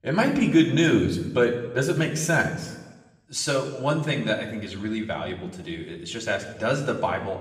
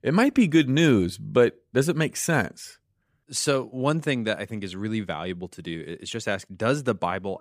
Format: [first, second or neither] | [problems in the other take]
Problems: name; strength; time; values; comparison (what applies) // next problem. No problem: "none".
second | room echo; slight; dies away in 1 s // off-mic speech; somewhat distant